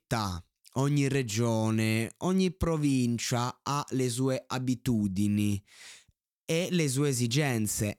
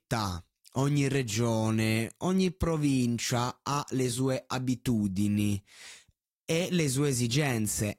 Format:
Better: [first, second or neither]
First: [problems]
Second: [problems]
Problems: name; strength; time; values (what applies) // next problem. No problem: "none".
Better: first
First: none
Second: garbled, watery; slightly; nothing above 14 kHz